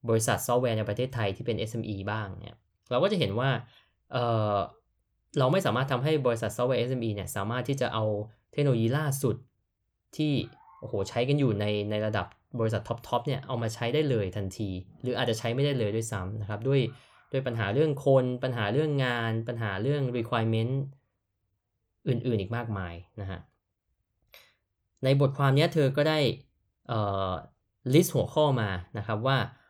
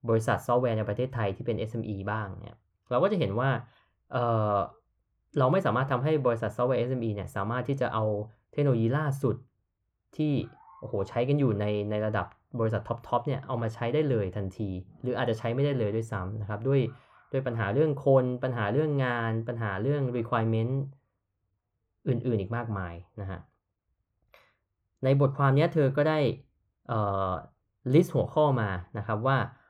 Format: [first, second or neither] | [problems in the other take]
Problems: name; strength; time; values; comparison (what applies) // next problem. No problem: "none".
first | muffled; slightly; fading above 3 kHz